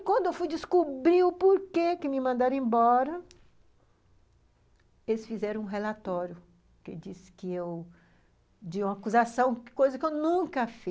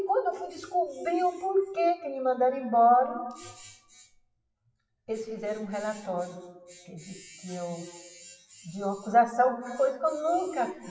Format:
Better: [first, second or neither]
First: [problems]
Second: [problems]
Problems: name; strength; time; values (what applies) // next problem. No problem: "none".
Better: first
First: none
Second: noise reduction (classical method WPE with log-MMSE)